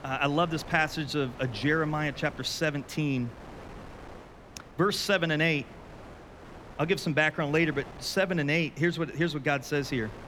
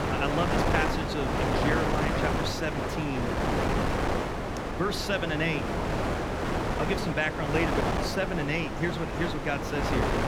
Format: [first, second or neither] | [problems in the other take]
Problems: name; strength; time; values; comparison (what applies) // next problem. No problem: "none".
first | wind noise on the microphone; heavy; 1 dB above the speech; occasional gusts in the first